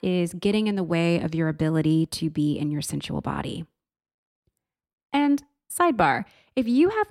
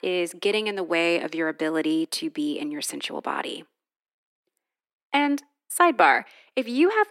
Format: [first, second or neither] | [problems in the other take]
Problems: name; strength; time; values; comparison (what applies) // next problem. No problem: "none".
first | thin; somewhat; fading below 300 Hz